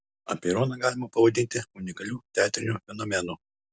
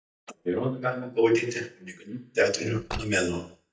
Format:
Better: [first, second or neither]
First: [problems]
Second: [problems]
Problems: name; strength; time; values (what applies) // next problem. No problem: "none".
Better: first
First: none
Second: noise reduction (neural mask model DeepFilterNet 3)